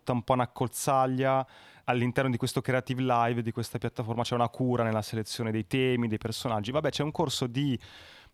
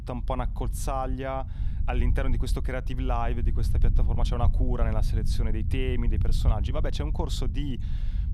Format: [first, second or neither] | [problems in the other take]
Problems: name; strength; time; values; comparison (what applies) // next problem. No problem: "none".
first | low rumble; noticeable; throughout; 10 dB below the speech